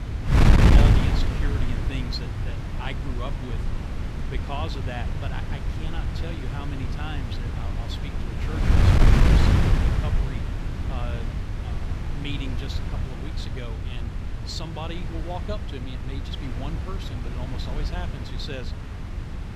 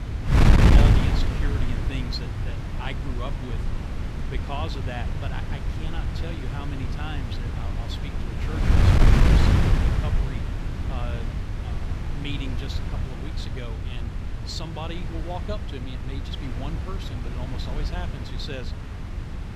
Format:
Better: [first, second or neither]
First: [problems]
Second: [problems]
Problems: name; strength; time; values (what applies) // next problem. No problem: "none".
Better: neither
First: wind noise on the microphone; heavy; 4 dB above the speech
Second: wind noise on the microphone; heavy; 4 dB above the speech